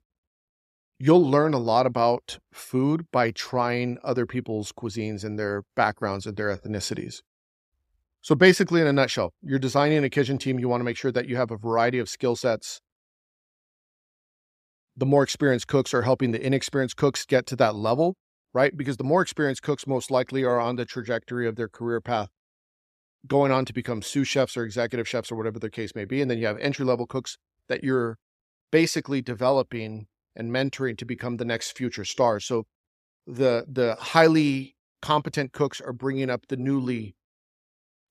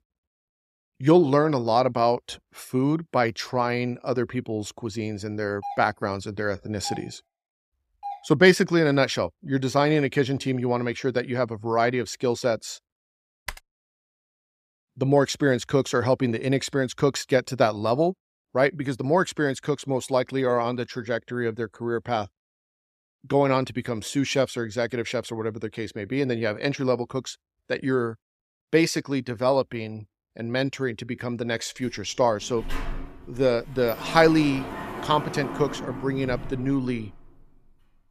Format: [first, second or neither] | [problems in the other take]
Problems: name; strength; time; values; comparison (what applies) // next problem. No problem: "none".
first | doorbell; faint; from 5.5 to 8 s; peak 10 dB below the speech // keyboard typing; faint; at 13 s; peak 15 dB below the speech // door banging; noticeable; from 33 to 37 s; peak 9 dB below the speech